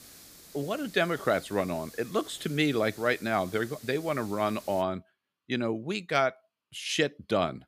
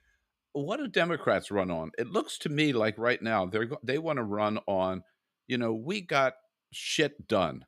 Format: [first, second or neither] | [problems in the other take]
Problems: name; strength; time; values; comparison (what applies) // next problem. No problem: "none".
second | hiss; noticeable; until 5 s; 20 dB below the speech